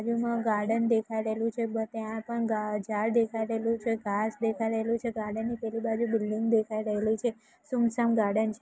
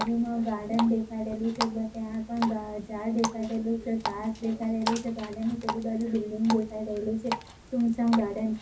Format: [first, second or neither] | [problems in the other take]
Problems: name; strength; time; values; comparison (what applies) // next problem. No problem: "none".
first | background sound (Water tap, faucet); 9 dB below the speech // room echo; dies away in 0.4 s